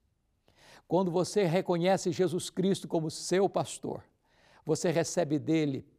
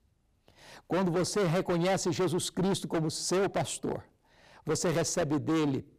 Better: first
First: none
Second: distortion; heavy; 17% of the sound clipped

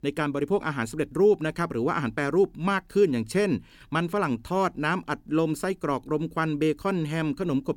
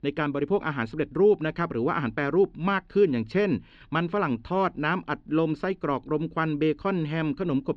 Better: first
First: none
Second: muffled; slightly; fading above 4 kHz

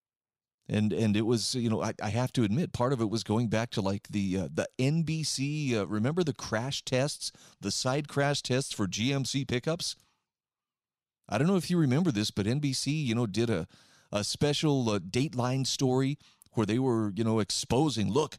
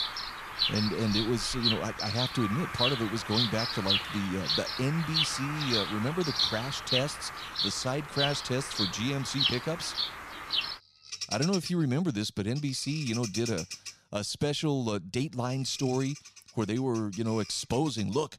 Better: first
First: none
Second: animal sounds; very loud; throughout; as loud as the speech

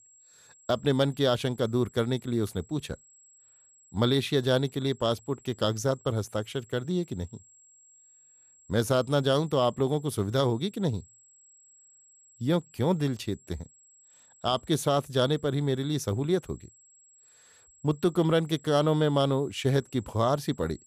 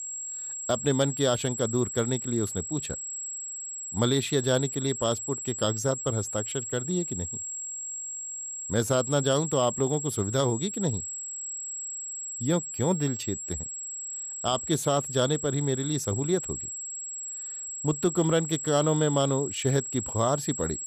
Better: first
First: high-pitched whine; faint; throughout; 7.5 kHz, 30 dB below the speech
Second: high-pitched whine; loud; throughout; 7.5 kHz, 5 dB below the speech

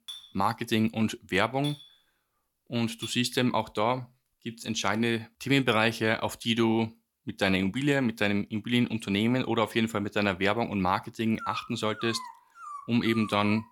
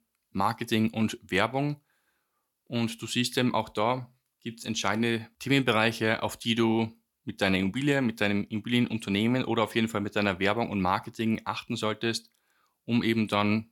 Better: second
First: clattering dishes; faint; until 3 s; peak 10 dB below the speech // dog barking; noticeable; from 11 s on; peak 10 dB below the speech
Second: none

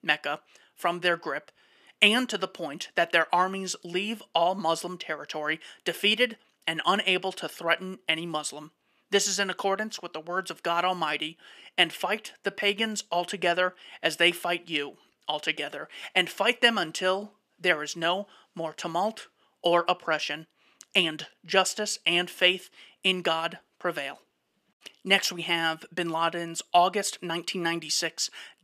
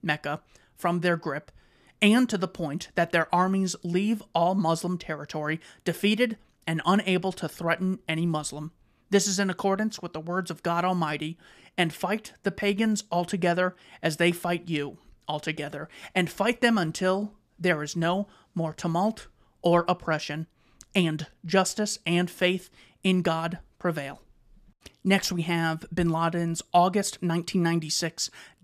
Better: second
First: thin; somewhat; fading below 350 Hz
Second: none

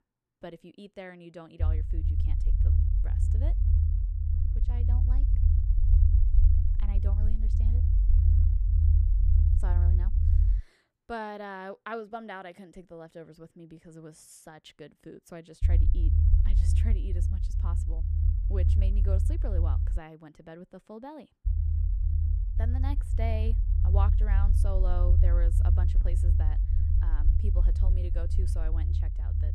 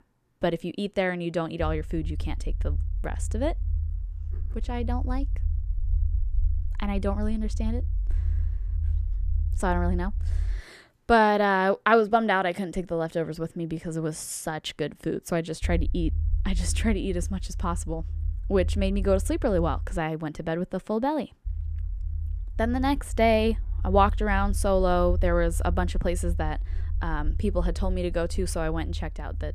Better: second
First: low rumble; loud; from 1.5 to 11 s, from 16 to 20 s and from 21 s on; 3 dB below the speech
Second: low rumble; faint; from 1.5 to 11 s, from 16 to 20 s and from 21 s on; 25 dB below the speech

